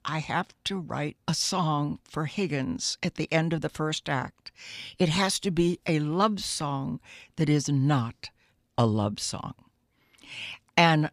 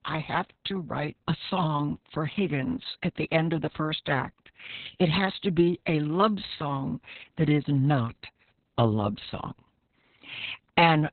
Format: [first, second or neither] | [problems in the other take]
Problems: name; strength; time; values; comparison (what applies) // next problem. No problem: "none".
first | garbled, watery; badly; nothing above 4 kHz